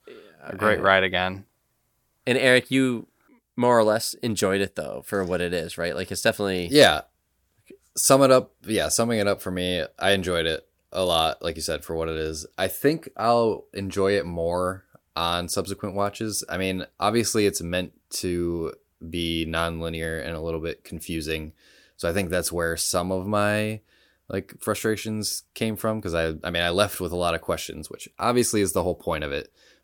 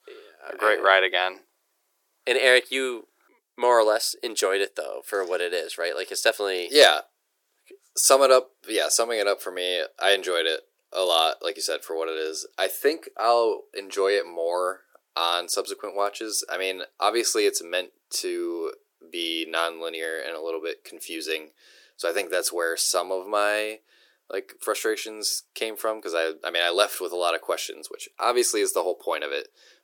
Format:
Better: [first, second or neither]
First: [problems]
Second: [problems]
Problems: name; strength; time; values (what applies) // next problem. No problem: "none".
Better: first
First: none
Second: thin; very; fading below 350 Hz